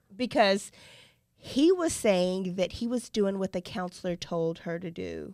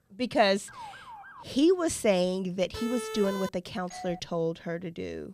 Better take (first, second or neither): first